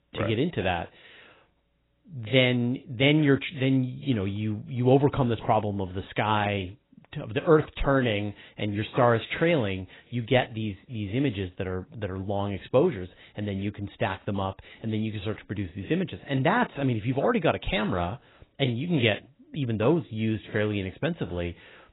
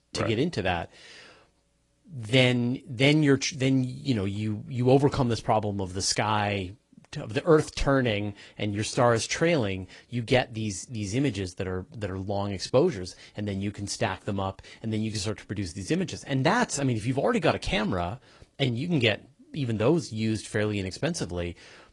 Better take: second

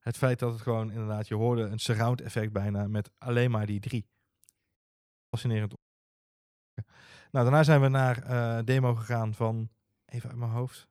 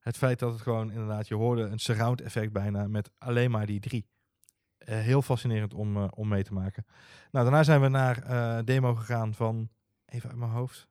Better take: second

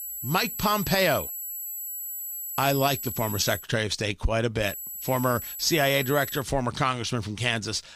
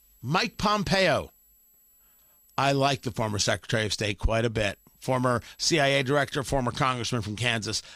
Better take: second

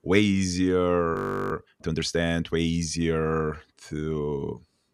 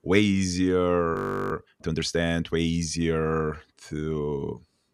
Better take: neither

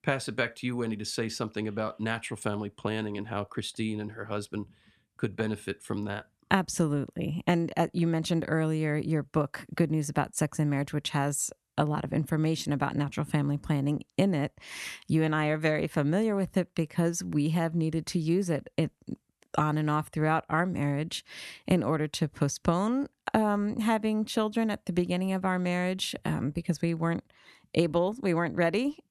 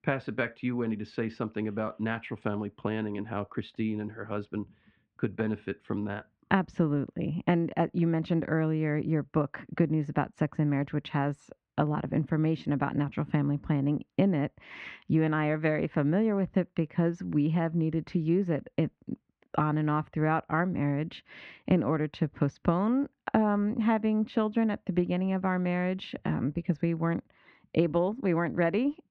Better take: first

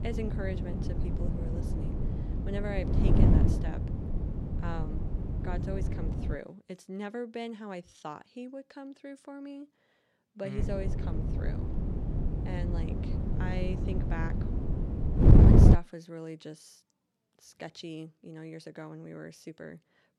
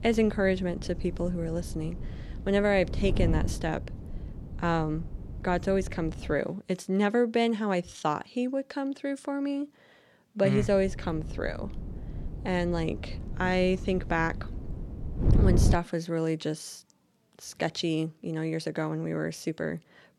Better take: second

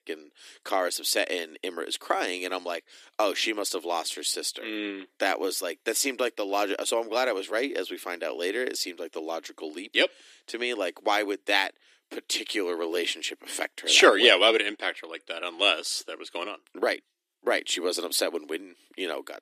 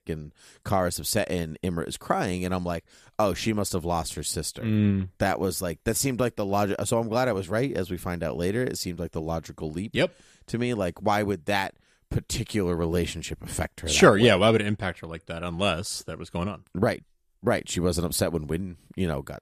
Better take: second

